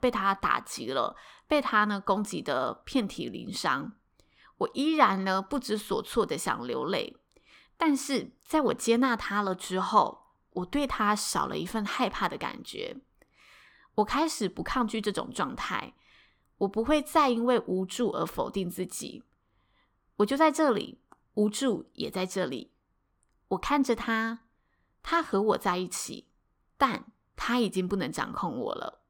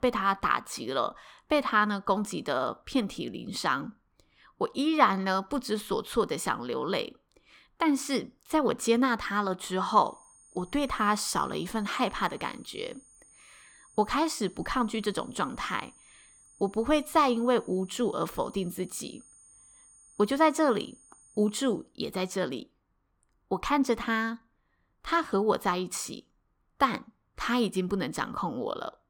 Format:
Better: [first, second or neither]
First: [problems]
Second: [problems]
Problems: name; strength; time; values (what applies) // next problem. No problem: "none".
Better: first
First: none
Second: high-pitched whine; faint; from 10 to 22 s; 9 kHz, 25 dB below the speech